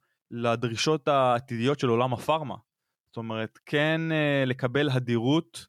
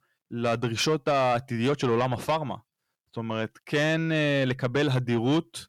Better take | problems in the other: first | distortion; slight; 10 dB below the speech

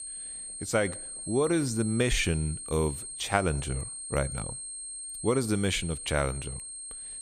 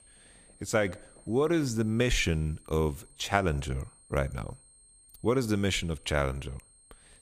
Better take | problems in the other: second | high-pitched whine; loud; throughout; 8.5 kHz, 7 dB below the speech; faint in the second

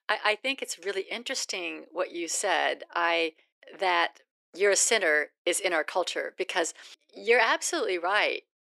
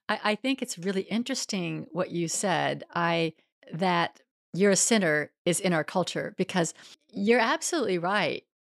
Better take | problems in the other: second | thin; very; fading below 350 Hz

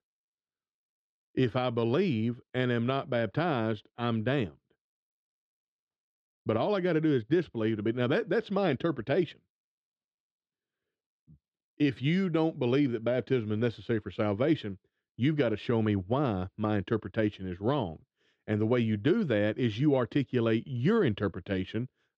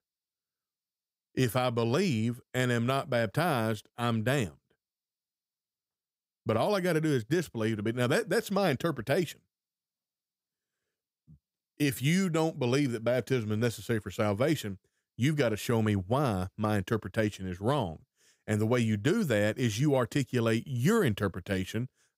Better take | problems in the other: second | muffled; slightly; fading above 3.5 kHz

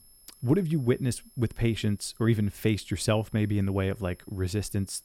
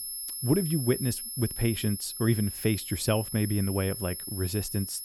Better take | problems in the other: first | high-pitched whine; loud; throughout; 11 kHz, 6 dB below the speech; faint in the first

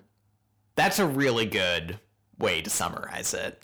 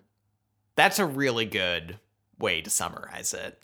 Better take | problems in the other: second | distortion; heavy; 7 dB below the speech

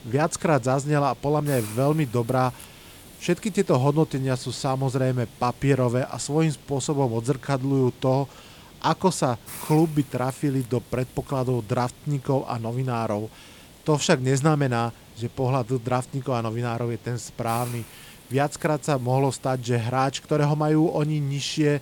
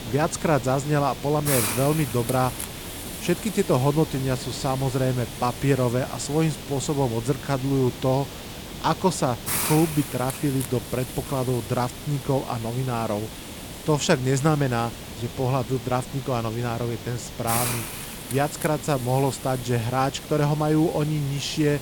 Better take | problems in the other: first | hiss; loud; throughout; 8 dB below the speech; faint in the first

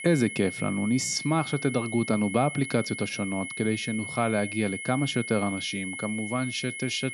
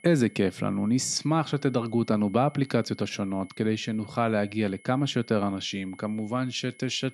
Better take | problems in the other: second | high-pitched whine; loud; throughout; 2 kHz, 7 dB below the speech; faint in the second

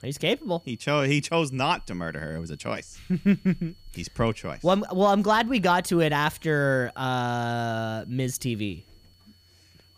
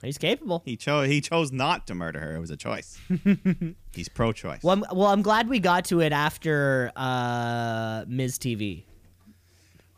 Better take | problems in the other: second | high-pitched whine; faint; throughout; 4.5 kHz, 30 dB below the speech

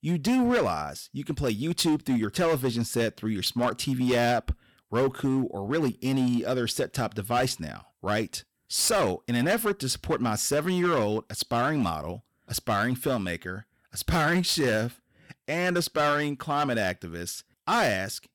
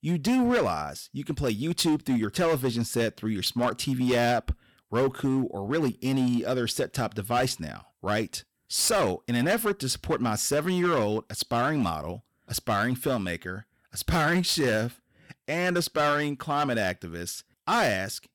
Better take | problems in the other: neither | distortion; slight; 8% of the sound clipped; the same in both

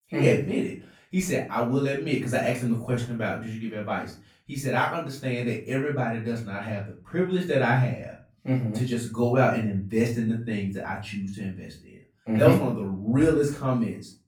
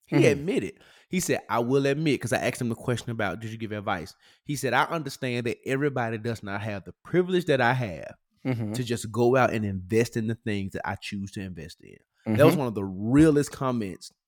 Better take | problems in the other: second | off-mic speech; far // room echo; slight; dies away in 0.3 s

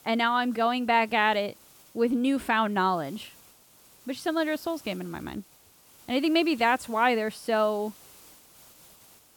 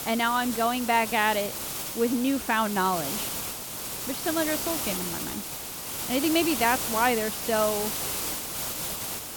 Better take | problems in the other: first | hiss; loud; throughout; 4 dB below the speech; faint in the first

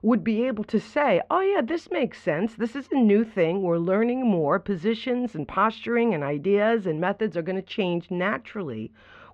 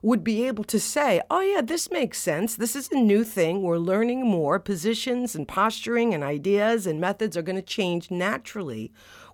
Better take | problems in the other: second | muffled; very; fading above 3 kHz

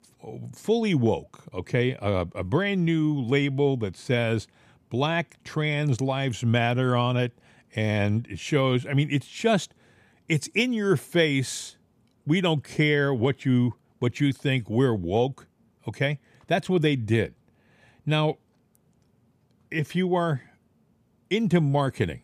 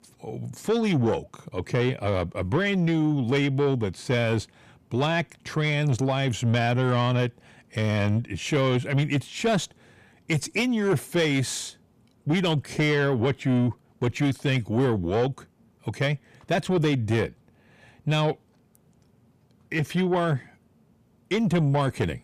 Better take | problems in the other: first | distortion; slight; 10 dB below the speech

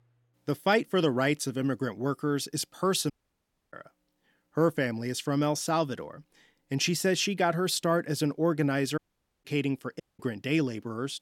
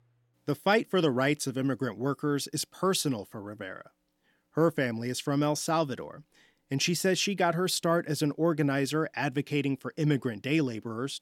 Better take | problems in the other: second | audio cutting out; at 3 s for 0.5 s, at 9 s and at 10 s

